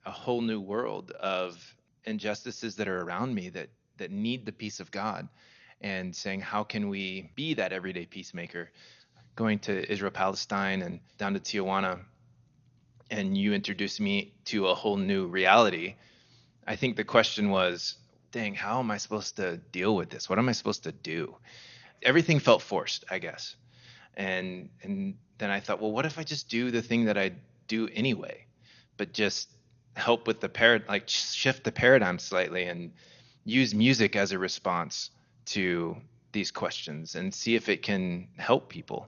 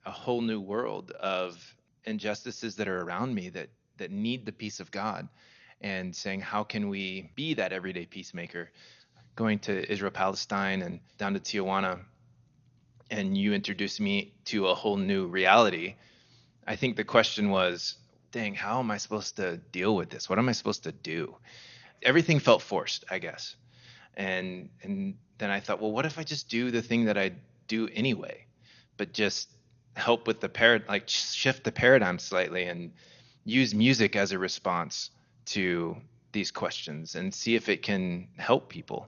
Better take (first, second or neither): neither